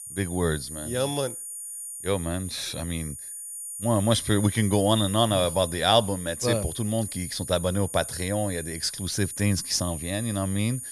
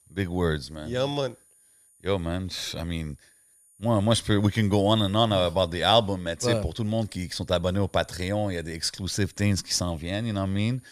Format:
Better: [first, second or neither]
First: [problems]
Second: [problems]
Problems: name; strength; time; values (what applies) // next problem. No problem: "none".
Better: second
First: high-pitched whine; loud; throughout; 9.5 kHz, 8 dB below the speech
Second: high-pitched whine; faint; throughout; 9.5 kHz, 30 dB below the speech